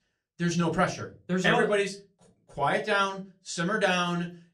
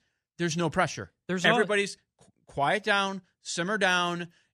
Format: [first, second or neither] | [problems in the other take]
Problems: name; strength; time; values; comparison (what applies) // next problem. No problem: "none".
second | off-mic speech; far // room echo; very slight; dies away in 0.2 s